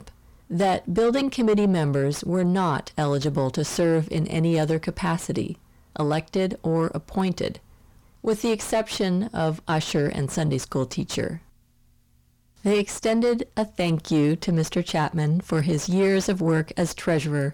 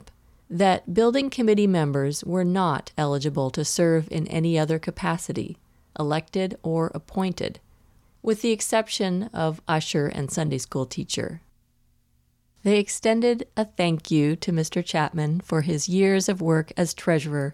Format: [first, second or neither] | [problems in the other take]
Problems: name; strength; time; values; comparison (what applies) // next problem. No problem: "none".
second | distortion; slight; 9 dB below the speech